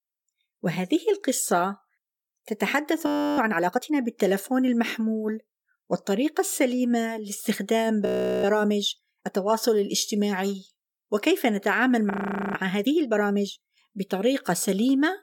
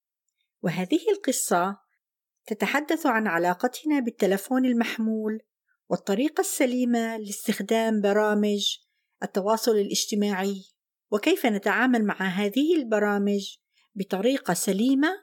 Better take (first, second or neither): second